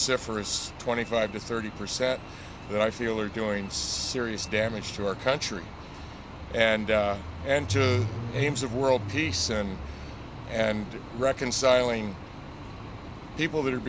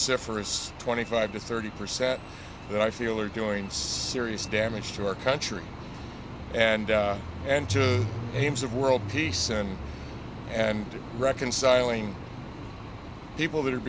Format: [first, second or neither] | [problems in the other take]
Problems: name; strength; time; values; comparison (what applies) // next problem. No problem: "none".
first | background sound (Engine); 15 dB below the speech